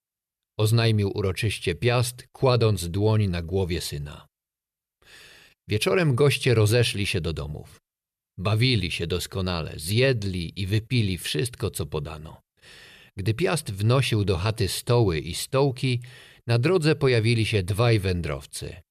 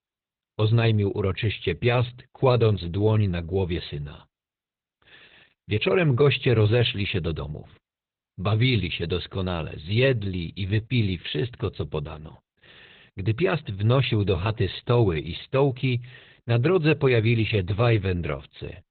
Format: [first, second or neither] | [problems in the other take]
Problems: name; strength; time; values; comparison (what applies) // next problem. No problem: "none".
first | garbled, watery; badly; nothing above 4 kHz